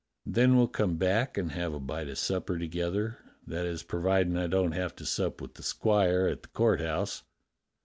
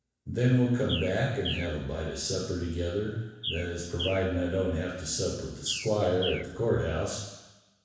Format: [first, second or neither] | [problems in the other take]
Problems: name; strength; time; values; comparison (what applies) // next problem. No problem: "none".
first | background sound (Bird); 12 dB below the speech // room echo; dies away in 1.1 s